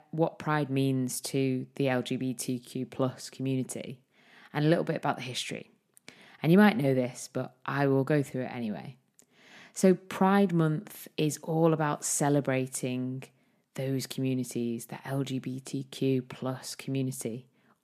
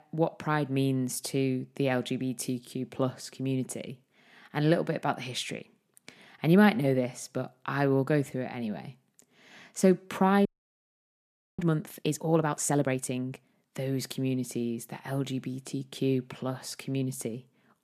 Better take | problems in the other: first | audio freezing; at 10 s for 1 s

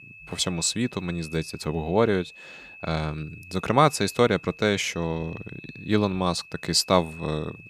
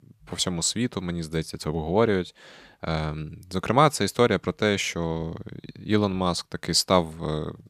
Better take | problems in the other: second | high-pitched whine; noticeable; throughout; 2.5 kHz, 20 dB below the speech

